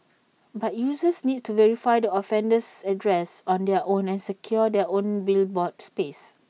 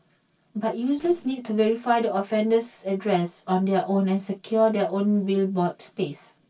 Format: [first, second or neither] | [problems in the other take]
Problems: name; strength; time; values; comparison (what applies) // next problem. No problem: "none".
first | noise reduction (neural separator model SepFormer DNS4)